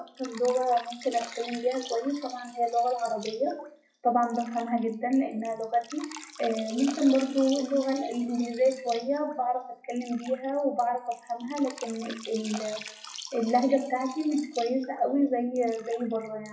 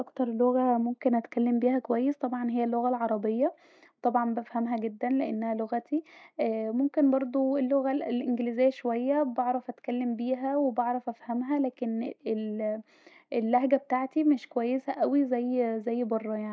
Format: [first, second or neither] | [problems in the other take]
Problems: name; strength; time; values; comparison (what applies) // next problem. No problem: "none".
second | noise reduction (classical method WPE with log-MMSE)